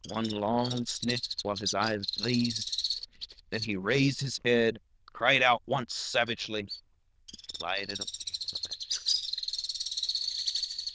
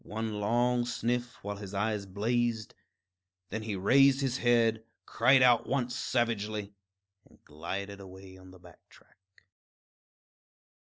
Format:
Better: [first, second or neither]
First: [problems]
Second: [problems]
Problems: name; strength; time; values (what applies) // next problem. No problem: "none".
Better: second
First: noise reduction (neural diffusion model UNIVERSE++)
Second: none